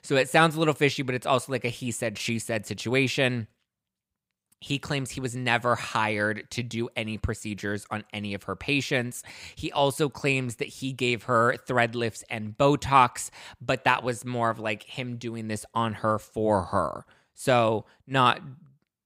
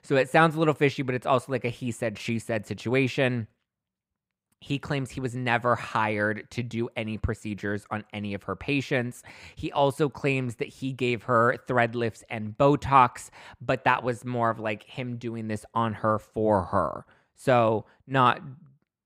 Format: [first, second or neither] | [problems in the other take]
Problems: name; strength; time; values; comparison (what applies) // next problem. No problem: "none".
first | muffled; slightly; fading above 2.5 kHz